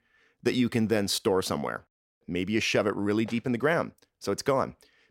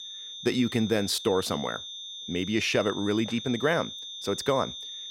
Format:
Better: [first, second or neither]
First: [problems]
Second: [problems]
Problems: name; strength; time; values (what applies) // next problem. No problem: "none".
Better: first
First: none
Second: high-pitched whine; loud; throughout; 3.5 kHz, 9 dB below the speech